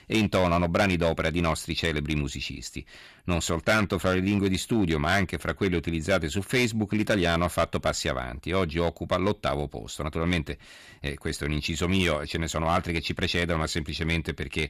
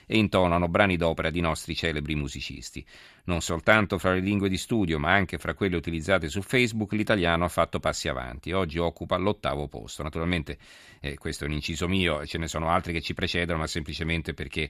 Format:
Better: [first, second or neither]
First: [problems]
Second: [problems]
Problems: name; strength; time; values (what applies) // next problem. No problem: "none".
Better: second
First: distortion; slight; 4% of the sound clipped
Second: none